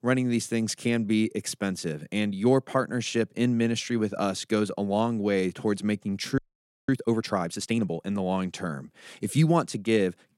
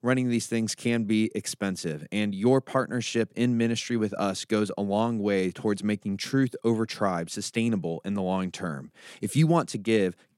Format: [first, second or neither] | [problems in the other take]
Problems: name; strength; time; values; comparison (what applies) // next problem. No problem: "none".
second | audio freezing; at 6.5 s for 0.5 s